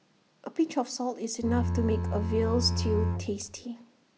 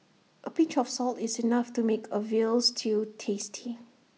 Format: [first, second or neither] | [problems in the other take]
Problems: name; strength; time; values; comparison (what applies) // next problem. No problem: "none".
second | background sound (Bowed string instrument); 1 dB above the speech